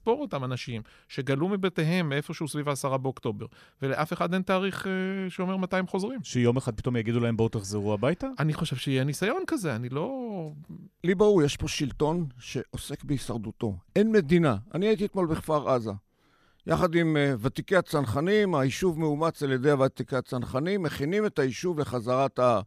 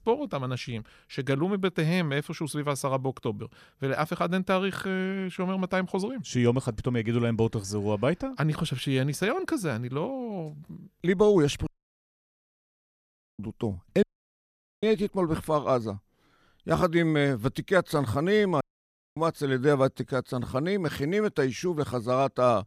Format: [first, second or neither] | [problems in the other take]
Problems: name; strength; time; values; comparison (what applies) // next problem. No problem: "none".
first | audio cutting out; at 12 s for 1.5 s, at 14 s for 1 s and at 19 s for 0.5 s